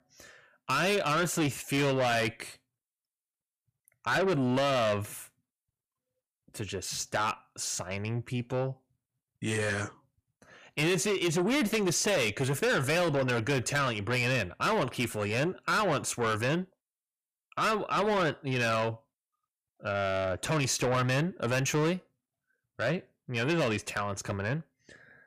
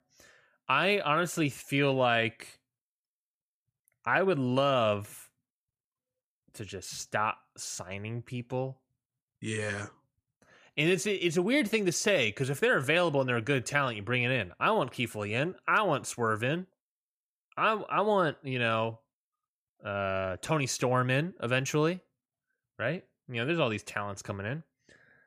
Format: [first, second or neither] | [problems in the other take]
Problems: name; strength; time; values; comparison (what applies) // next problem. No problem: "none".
second | distortion; heavy; 7 dB below the speech